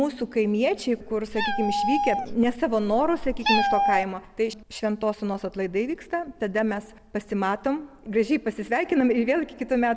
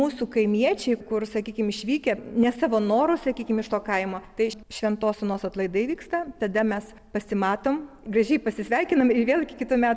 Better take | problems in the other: second | background sound (Meow); 1 dB below the speech

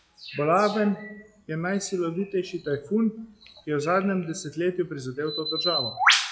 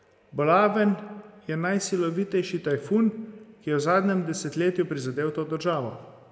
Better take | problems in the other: second | noise reduction (classical method log-MMSE)

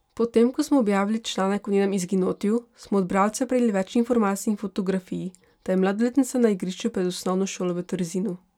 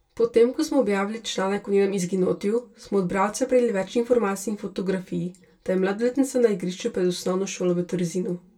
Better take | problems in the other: first | room echo; dies away in 0.2 s

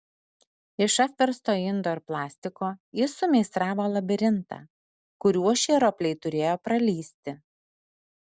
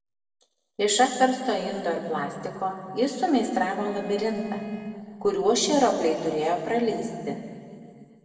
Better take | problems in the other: first | background sound (Bowed string instrument); 19 dB below the speech // room echo; dies away in 2.3 s

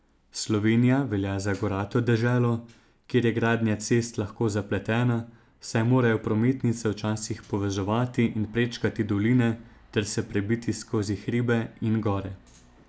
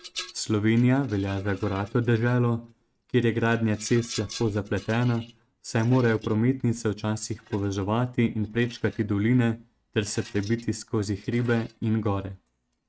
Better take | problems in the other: first | noise reduction (neural mask model RNNoise)

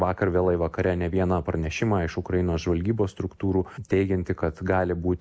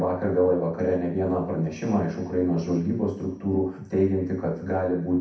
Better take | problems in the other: first | room echo; dies away in 0.6 s

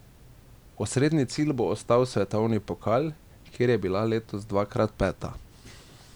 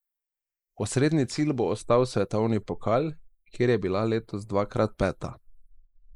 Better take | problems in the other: first | noise reduction (neural mask model Resemble Enhance denoiser)

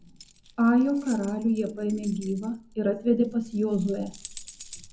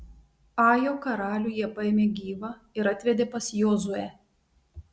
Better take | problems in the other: second | background sound (Keys jangling); 19 dB below the speech // room echo; dies away in 0.4 s

